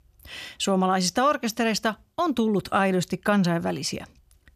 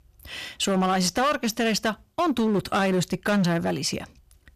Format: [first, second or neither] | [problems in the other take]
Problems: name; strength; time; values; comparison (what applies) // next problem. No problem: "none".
first | distortion; slight; 12% of the sound clipped